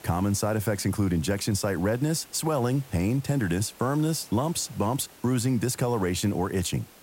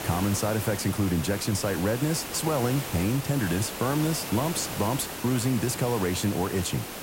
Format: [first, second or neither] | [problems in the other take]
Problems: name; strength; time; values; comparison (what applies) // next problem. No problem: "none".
first | hiss; loud; throughout; 7 dB below the speech; faint in the first